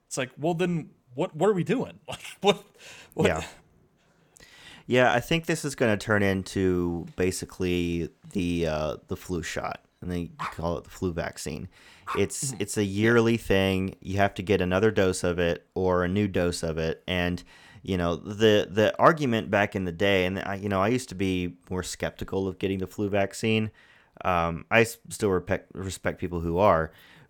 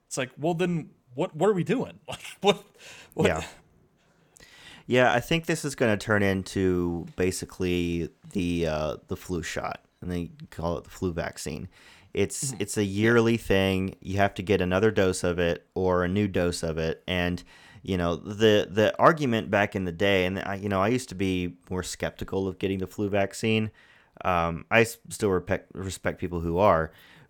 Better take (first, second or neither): second